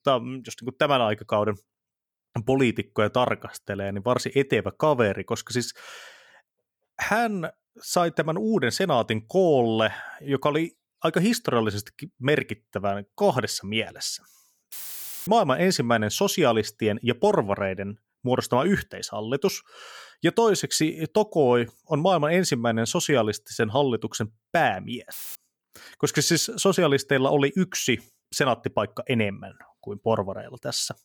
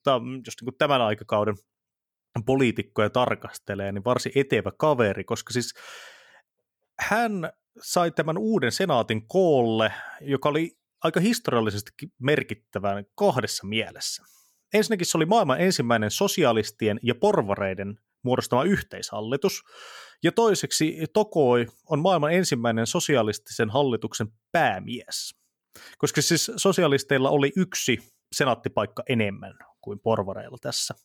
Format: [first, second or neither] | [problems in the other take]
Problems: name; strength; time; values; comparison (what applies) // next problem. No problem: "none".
second | audio cutting out; filled with static; at 15 s for 0.5 s and at 25 s